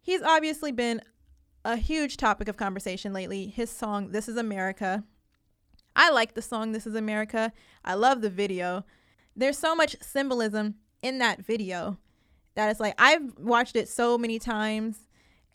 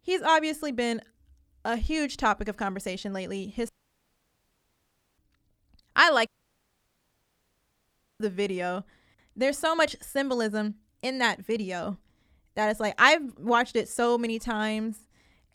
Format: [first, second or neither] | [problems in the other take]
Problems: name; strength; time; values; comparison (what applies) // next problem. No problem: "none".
first | audio cutting out; at 3.5 s for 1.5 s and at 6.5 s for 2 s